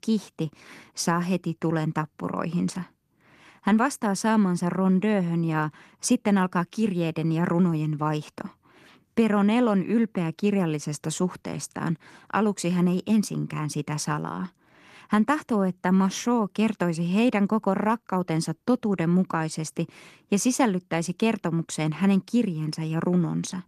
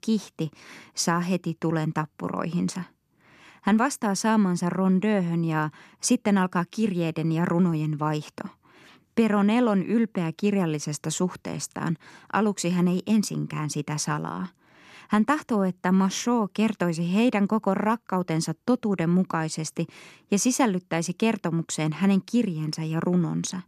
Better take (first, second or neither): second